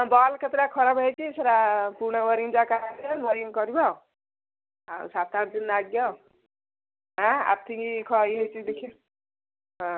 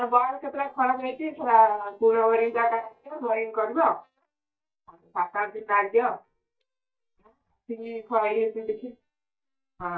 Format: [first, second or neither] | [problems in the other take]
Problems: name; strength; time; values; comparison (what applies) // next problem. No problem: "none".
first | noise reduction (neural mask model DeepFilterNet 3)